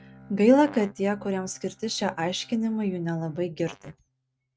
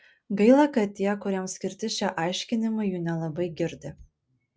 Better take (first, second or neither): second